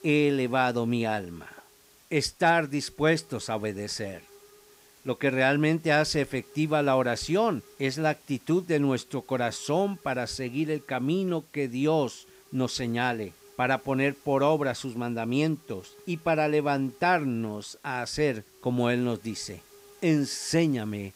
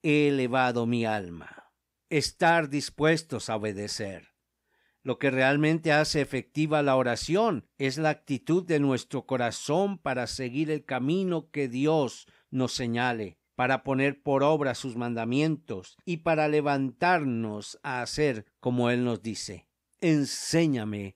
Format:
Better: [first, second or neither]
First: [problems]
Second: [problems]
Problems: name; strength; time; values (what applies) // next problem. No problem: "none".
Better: second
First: hiss; faint; throughout; 25 dB below the speech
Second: none